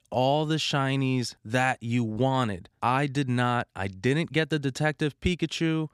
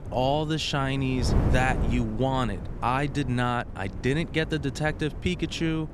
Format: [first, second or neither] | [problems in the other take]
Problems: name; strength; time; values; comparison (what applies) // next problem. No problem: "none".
first | wind noise on the microphone; occasional gusts; 10 dB below the speech